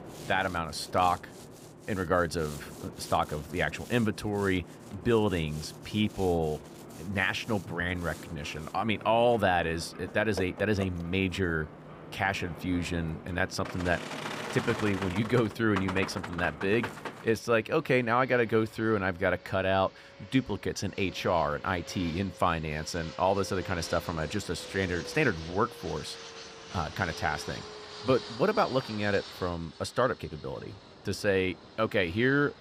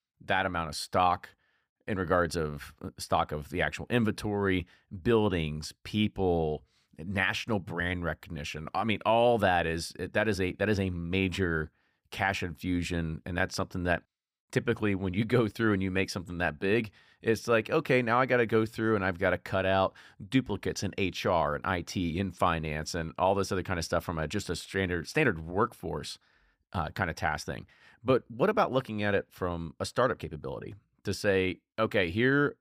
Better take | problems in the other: second | train or aircraft noise; noticeable; throughout; 15 dB below the speech

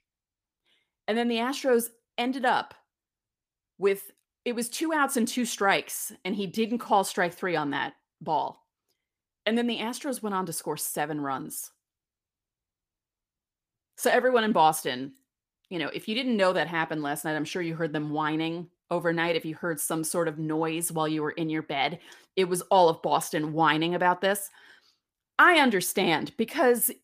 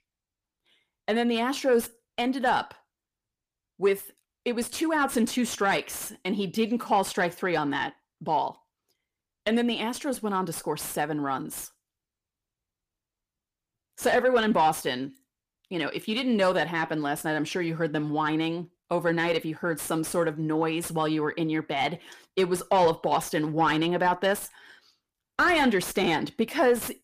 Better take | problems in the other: first | distortion; slight; 10 dB below the speech

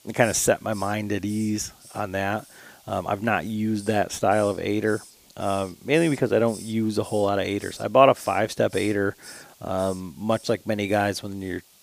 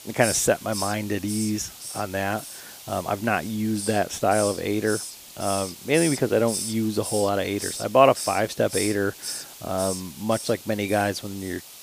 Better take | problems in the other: first | hiss; loud; throughout; 8 dB below the speech; faint in the first

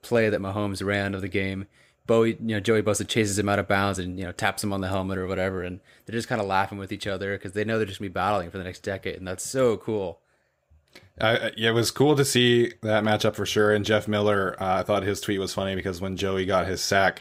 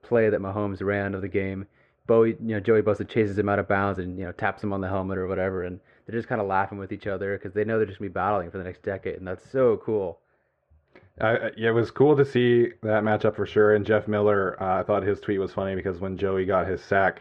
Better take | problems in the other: first | muffled; very; fading above 1.5 kHz

